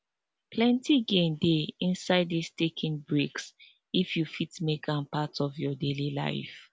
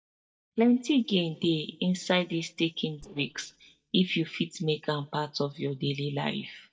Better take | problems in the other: first | noise reduction (neural mask model DeepFilterNet 3)

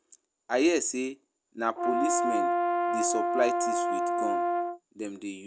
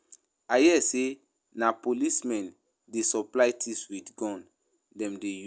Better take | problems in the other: second | background sound (Brass instrument); 4 dB above the speech

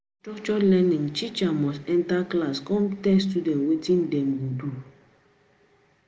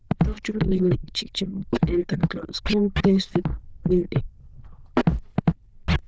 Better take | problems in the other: first | noise reduction (neural diffusion model UNIVERSE++)

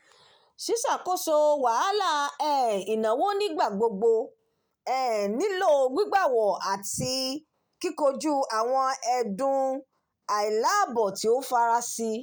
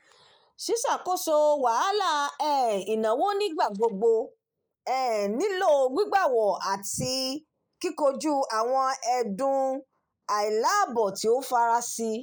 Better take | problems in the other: first | noise reduction (neural mask model Resemble Enhance denoiser)

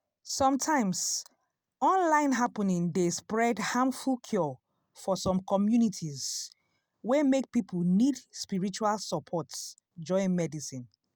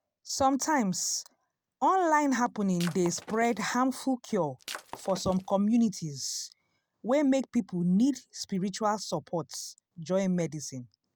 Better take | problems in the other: first | background sound (Shatter); 15 dB below the speech

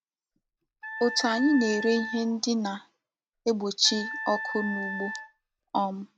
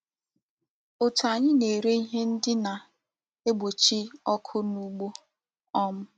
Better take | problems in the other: second | background sound (Wind instrument, woodwind instrument); 8 dB below the speech

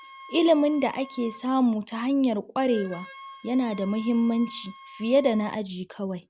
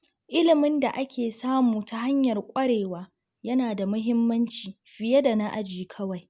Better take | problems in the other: second | background sound (Wind instrument, woodwind instrument); 20 dB below the speech

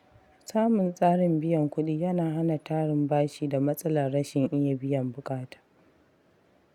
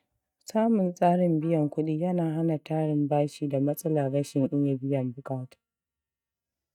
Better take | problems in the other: first | noise reduction (neural mask model DeepFilterNet 3)

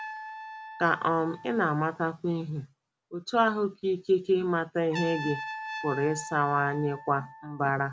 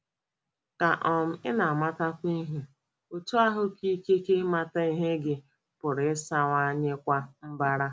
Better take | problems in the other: second | background sound (Trumpet); 13 dB below the speech

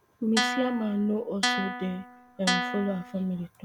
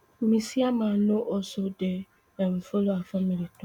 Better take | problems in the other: second | background sound (Guitar); 2 dB below the speech

